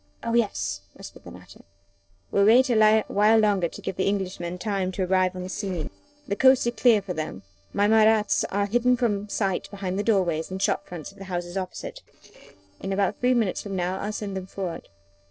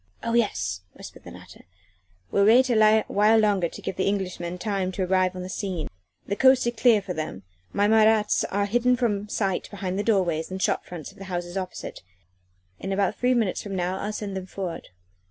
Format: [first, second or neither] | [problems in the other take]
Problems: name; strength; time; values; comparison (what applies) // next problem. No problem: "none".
second | noise reduction (neural separator model SepFormer DNS4)